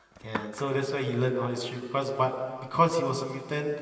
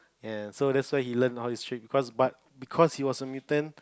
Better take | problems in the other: second | background sound (Skateboard); 18 dB below the speech // room echo; dies away in 2.5 s

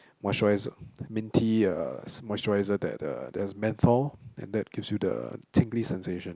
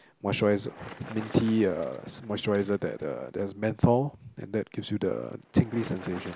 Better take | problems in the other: first | background sound (Bicycle); 20 dB below the speech

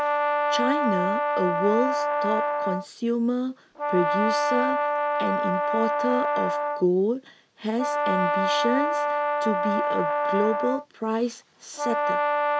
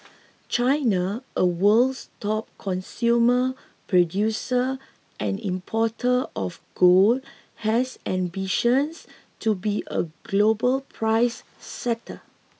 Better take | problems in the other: second | background sound (Brass instrument); 3 dB above the speech

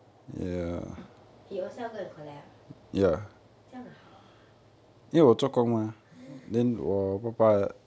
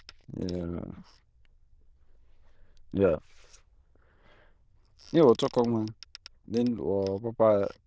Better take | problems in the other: first | noise reduction (neural diffusion model UNIVERSE++)

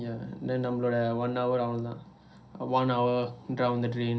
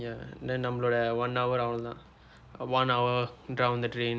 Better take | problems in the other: second | room echo; dies away in 0.3 s

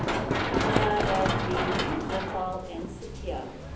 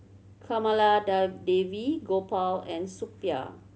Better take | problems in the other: second | background sound (Run); 4 dB above the speech // room echo; dies away in 0.6 s

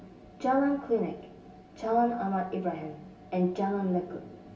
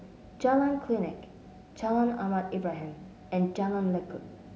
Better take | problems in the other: second | room echo; dies away in 0.2 s

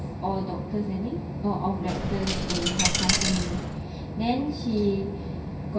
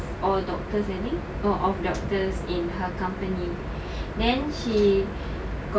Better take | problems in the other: second | background sound (Coin (dropping)); as loud as the speech // room echo; dies away in 0.9 s

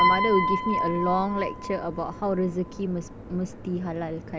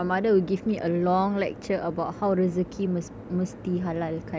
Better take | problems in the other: second | background sound (Piano); 1 dB below the speech

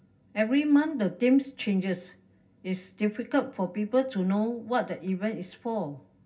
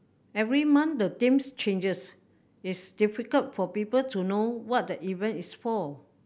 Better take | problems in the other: second | room echo; dies away in 0.4 s

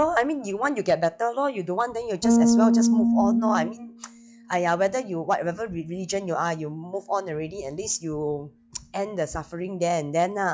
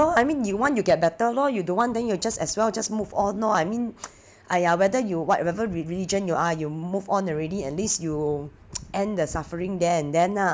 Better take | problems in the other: second | noise reduction (classical method log-MMSE)

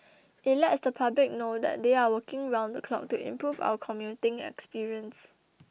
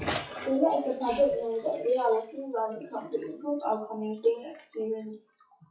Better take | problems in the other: first | noise reduction (classical method WPE with log-MMSE)

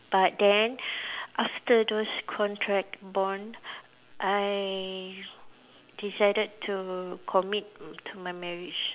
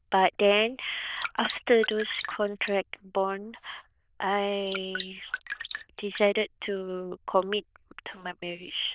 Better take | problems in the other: first | noise reduction (neural diffusion model UNIVERSE++)

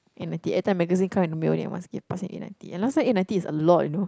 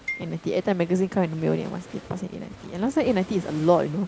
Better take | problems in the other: first | background sound (Marimba, xylophone + Waves, surf); 16 dB below the speech

